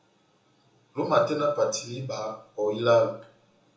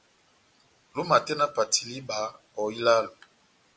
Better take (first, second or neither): second